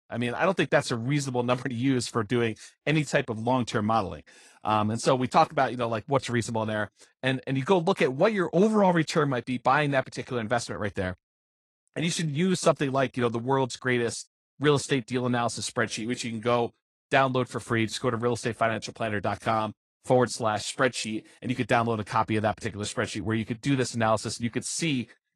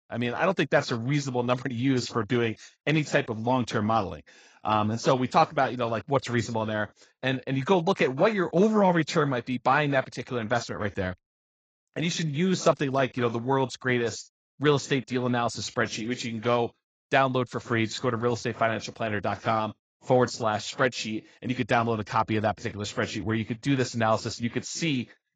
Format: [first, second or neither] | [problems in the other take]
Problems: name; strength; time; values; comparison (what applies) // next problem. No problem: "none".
first | garbled, watery; badly; nothing above 7.5 kHz; slightly in the first